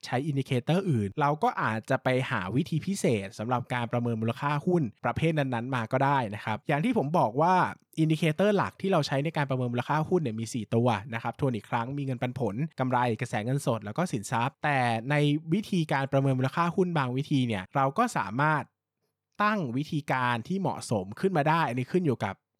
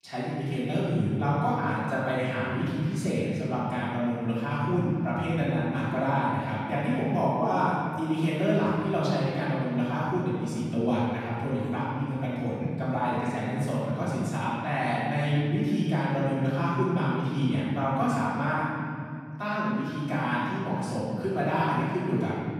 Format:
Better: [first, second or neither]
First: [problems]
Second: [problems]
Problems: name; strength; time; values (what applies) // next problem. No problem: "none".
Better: first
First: none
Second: room echo; strong; dies away in 2.5 s // off-mic speech; far